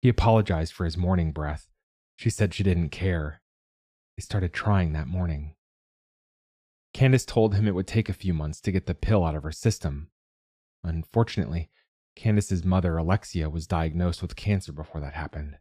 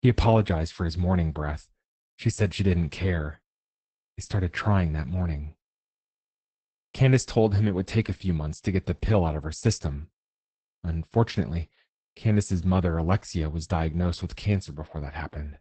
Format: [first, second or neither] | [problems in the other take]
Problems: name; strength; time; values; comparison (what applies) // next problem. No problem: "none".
first | garbled, watery; badly; nothing above 8 kHz